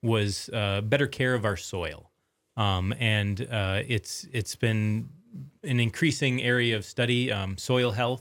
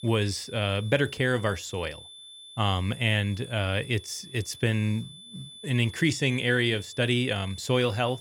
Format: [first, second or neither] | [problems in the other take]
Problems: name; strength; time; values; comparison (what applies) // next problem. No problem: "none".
first | high-pitched whine; noticeable; throughout; 3.5 kHz, 15 dB below the speech